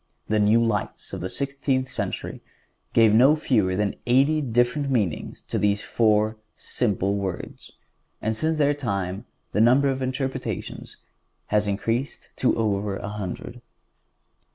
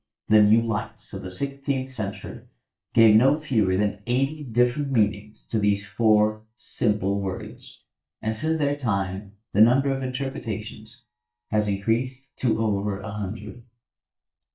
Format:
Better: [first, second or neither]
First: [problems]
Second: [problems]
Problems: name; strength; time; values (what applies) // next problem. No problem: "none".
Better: first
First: none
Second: noise reduction (neural mask model DeepFilterNet 3)